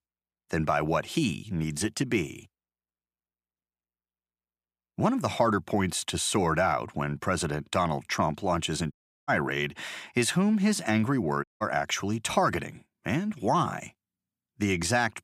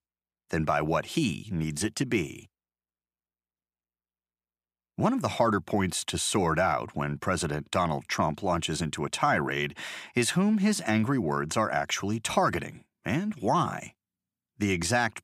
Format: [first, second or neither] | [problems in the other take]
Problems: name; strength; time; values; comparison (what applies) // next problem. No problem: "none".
second | audio cutting out; at 9 s and at 11 s